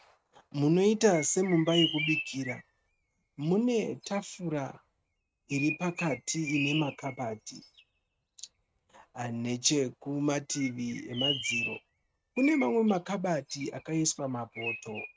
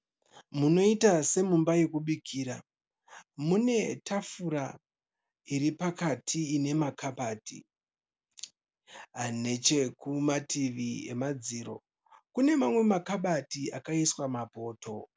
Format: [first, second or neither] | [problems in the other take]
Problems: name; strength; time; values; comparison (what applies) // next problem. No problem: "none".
second | noise reduction (neural mask model RNNoise)